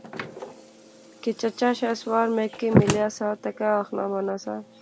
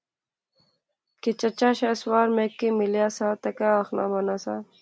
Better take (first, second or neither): second